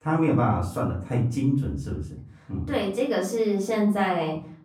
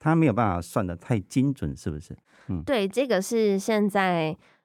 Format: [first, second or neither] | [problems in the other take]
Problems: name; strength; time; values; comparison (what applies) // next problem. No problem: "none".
second | room echo; slight; dies away in 0.5 s // off-mic speech; far